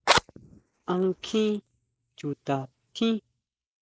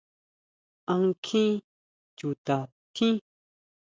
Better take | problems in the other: second | noise reduction (neural mask model Resemble Enhance denoiser)

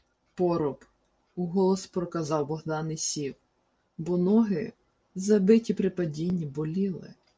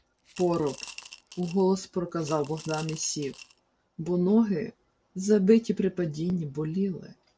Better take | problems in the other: first | background sound (Coin (dropping) / Glass); 19 dB below the speech

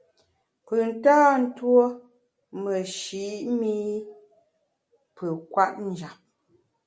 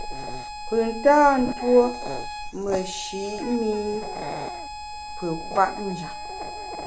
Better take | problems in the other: first | background sound (Harmonica + Dog); 8 dB below the speech

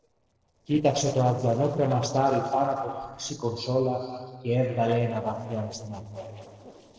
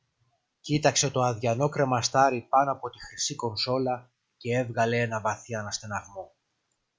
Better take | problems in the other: second | noise reduction (neural separator model SepFormer DNS4)

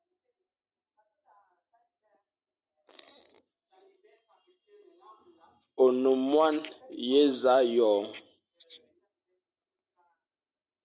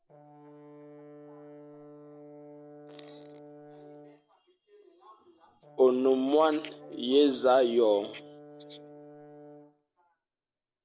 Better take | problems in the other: first | background sound (Brass instrument); 20 dB below the speech

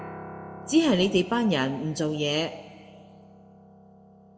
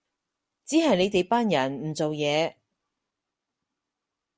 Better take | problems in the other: second | background sound (Piano); 17 dB below the speech // room echo; dies away in 1.4 s

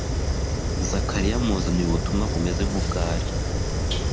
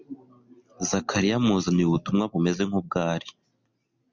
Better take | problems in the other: second | background sound (Fire); 5 dB above the speech

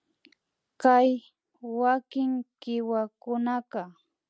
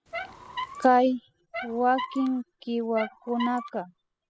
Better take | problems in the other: first | noise reduction (classical method spectral subtraction)

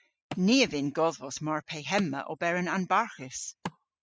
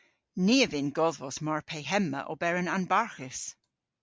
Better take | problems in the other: second | noise reduction (classical method spectral subtraction)

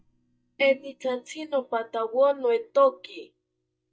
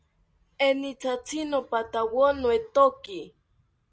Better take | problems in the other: second | noise reduction (neural mask model DeepFilterNet 3)

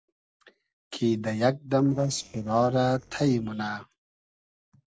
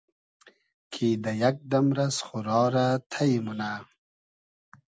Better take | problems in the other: second | noise reduction (neural separator model SepFormer DNS4)

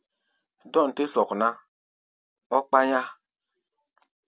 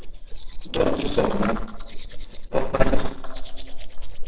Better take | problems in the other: first | noise reduction (neural separator model SepFormer DNS4)

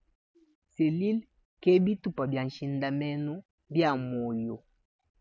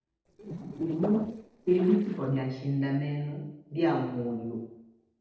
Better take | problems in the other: first | noise reduction (neural separator model SepFormer DNS4)

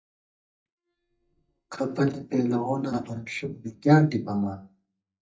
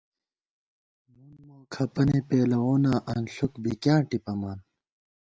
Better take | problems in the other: second | noise reduction (neural mask model DeepFilterNet 3)

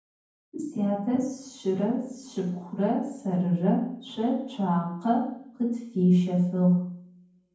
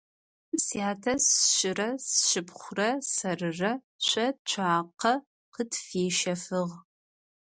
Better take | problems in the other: second | room echo; dies away in 0.9 s

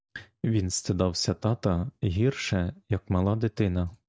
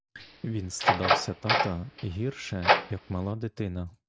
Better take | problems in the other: first | background sound (Door); 4 dB above the speech

